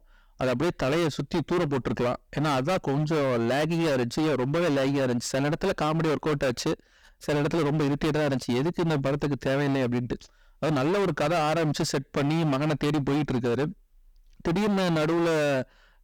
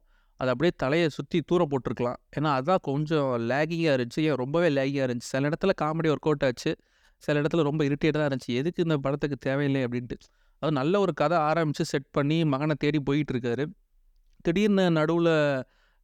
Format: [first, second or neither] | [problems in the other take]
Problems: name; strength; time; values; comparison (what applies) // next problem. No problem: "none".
second | distortion; heavy; 31% of the sound clipped